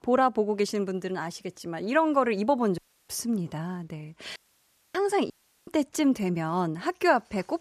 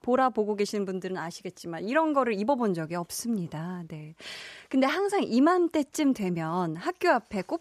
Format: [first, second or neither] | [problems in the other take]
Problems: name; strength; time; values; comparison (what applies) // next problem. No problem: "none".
second | audio cutting out; at 3 s, at 4.5 s for 0.5 s and at 5.5 s